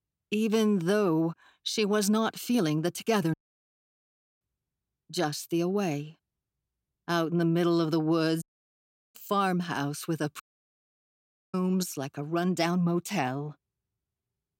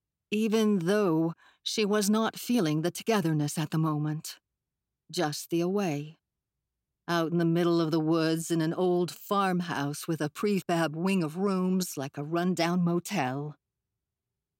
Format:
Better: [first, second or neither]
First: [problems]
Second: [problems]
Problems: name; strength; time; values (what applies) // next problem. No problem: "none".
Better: second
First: audio cutting out; at 3.5 s for 1 s, at 8.5 s for 0.5 s and at 10 s for 1 s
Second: none